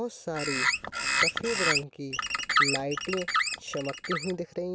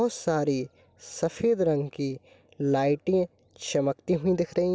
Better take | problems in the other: second | background sound (Bird); 5 dB above the speech

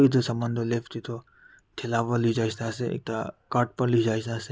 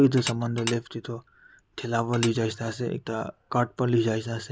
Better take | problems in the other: first | background sound (Tap / Dishes, pots, and pans); 8 dB below the speech

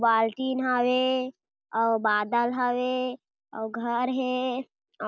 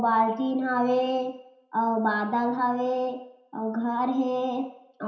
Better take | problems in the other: first | room echo; dies away in 0.7 s

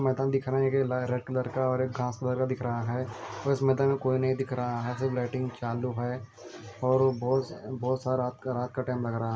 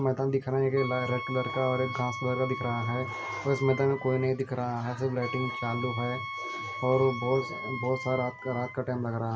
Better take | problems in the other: first | background sound (Wind instrument, woodwind instrument); 9 dB below the speech

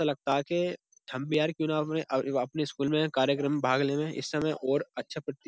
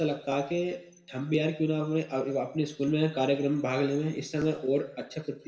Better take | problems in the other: first | room echo; dies away in 0.7 s

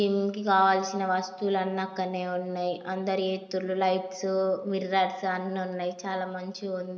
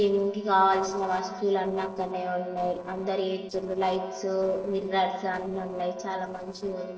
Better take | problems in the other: first | noise reduction (neural separator model SepFormer DNS4)

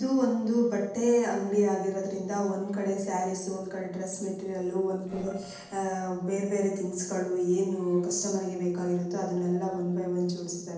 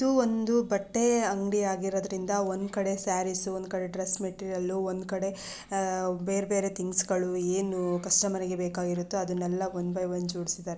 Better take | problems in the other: second | noise reduction (neural separator model SepFormer DNS4)

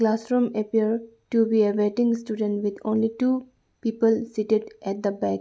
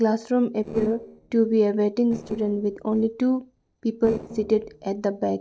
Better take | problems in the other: first | noise reduction (neural separator model SepFormer DNS4)

